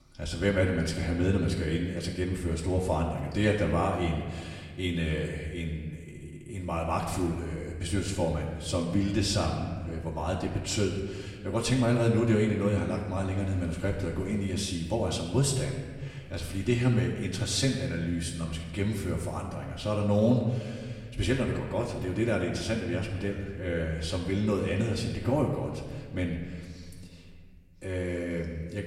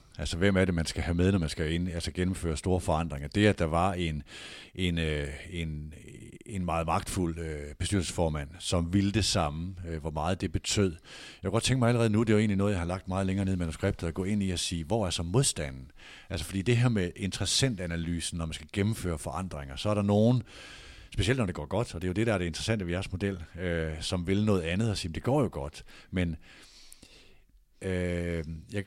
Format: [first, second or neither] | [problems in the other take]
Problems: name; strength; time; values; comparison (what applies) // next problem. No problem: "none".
second | off-mic speech; far // room echo; noticeable; dies away in 1.5 s